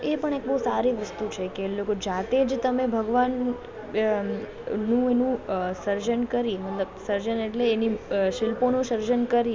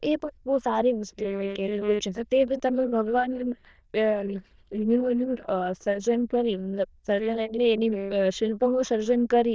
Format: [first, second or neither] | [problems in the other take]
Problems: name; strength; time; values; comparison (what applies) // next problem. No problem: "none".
first | noise reduction (neural diffusion model UNIVERSE++)